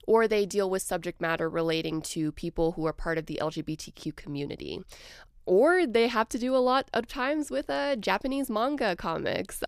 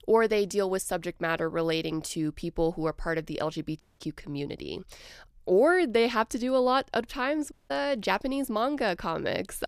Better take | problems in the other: first | audio cutting out; at 4 s and at 7.5 s

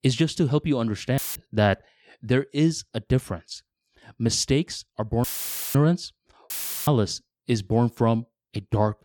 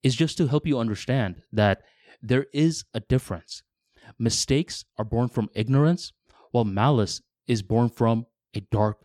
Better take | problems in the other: second | audio cutting out; filled with static; at 1 s, at 5 s for 0.5 s and at 6.5 s

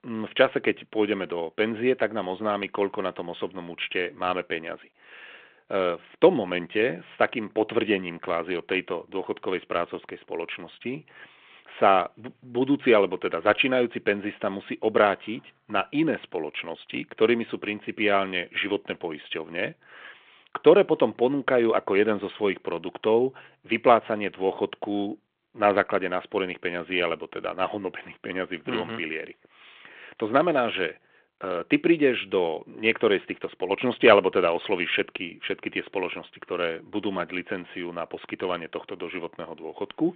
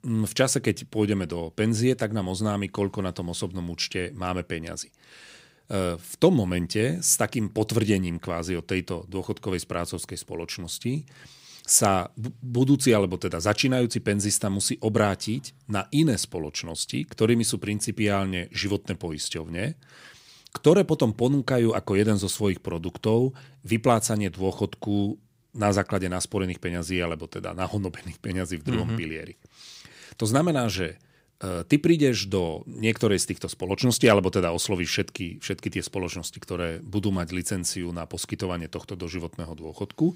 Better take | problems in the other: second | phone-call audio

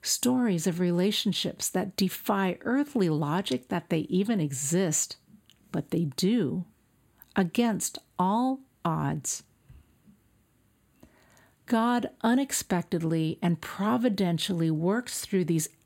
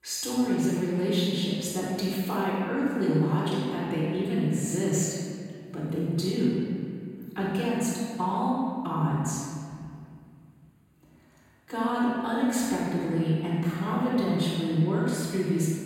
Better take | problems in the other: first | room echo; strong; dies away in 2.1 s // off-mic speech; far

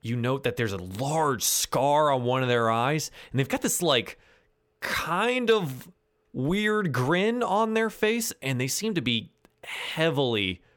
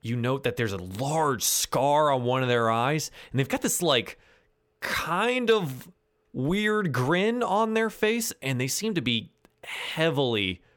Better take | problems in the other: neither | none

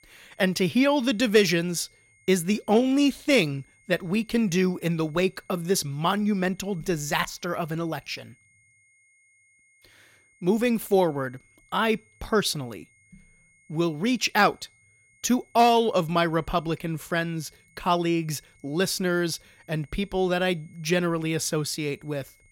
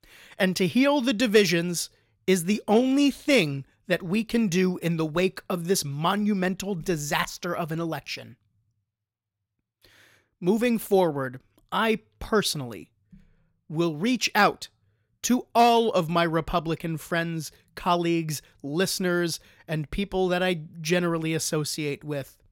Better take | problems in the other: second | high-pitched whine; faint; throughout; 2 kHz, 35 dB below the speech

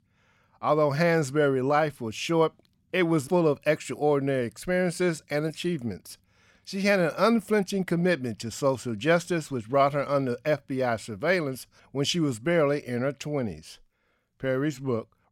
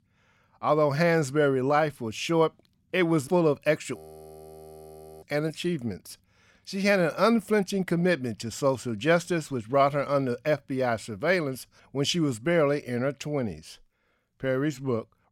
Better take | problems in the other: first | audio freezing; at 4 s for 1 s

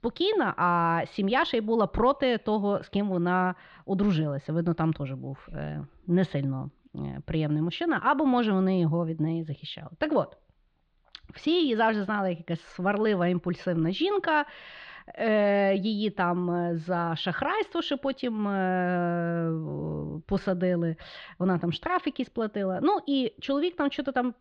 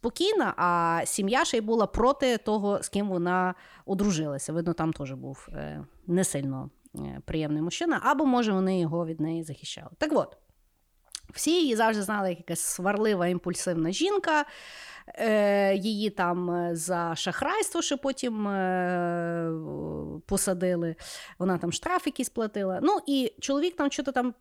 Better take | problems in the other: second | muffled; slightly; fading above 4 kHz

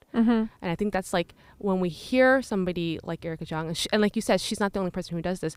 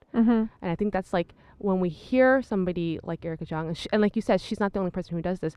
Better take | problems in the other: first | muffled; slightly; fading above 1.5 kHz

